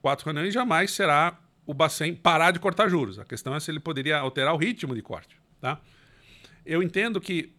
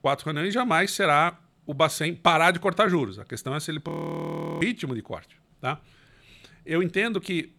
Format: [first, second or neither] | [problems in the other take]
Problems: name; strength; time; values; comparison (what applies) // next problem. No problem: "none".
first | audio freezing; at 4 s for 0.5 s